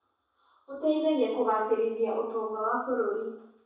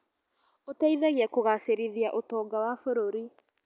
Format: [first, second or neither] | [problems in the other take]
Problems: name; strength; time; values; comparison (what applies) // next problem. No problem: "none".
second | room echo; dies away in 0.7 s